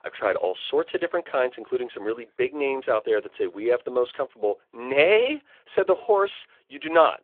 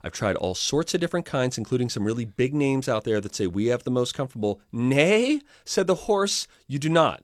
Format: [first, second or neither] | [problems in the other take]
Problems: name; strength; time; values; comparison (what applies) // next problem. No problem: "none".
second | phone-call audio; nothing above 3.5 kHz